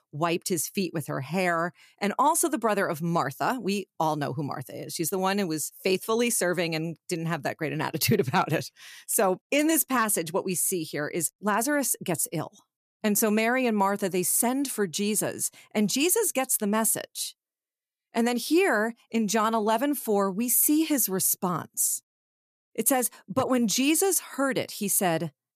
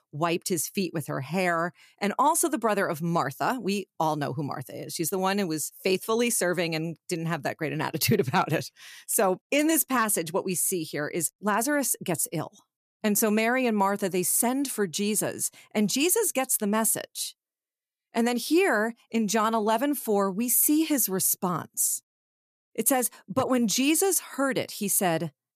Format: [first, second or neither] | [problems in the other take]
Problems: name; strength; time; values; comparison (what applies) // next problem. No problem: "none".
neither | none